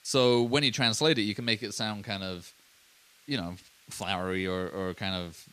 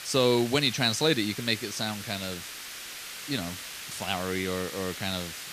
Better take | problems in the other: first | hiss; loud; throughout; 9 dB below the speech; faint in the first

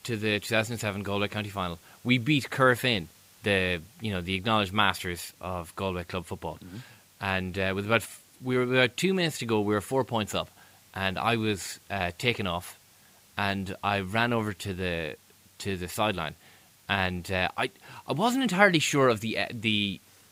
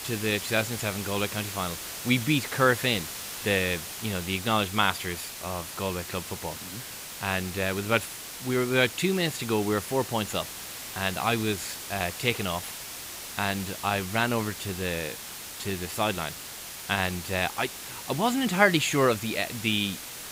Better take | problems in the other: first | hiss; loud; throughout; 8 dB below the speech; faint in the first

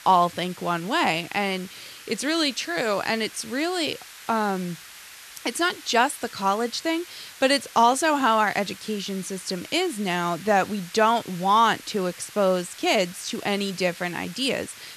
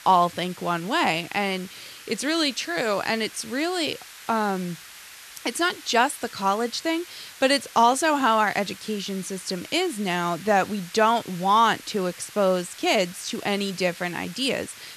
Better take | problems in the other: neither | hiss; noticeable; throughout; 15 dB below the speech; the same in both

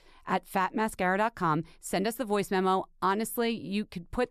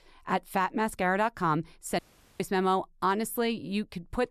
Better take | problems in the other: first | audio cutting out; at 2 s

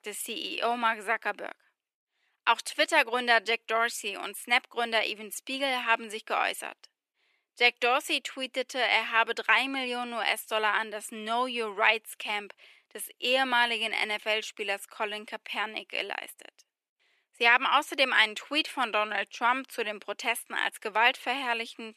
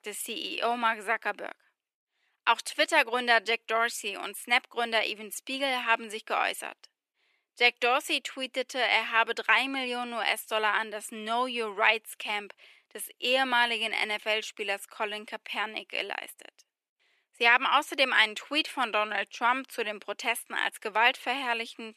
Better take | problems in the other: neither | thin; somewhat; fading below 400 Hz; the same in both

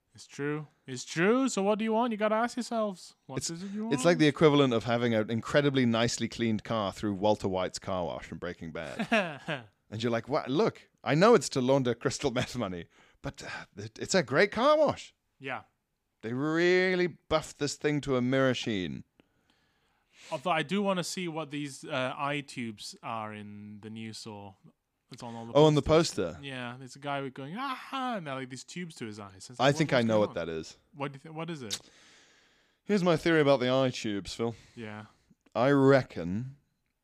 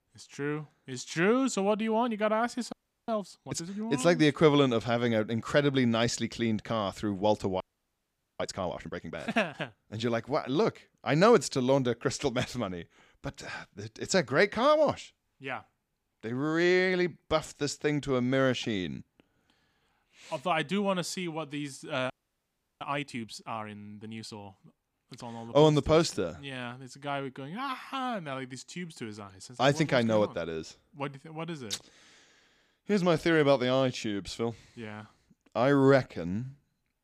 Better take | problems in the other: first | audio freezing; at 2.5 s, at 7.5 s for 1 s and at 22 s for 0.5 s

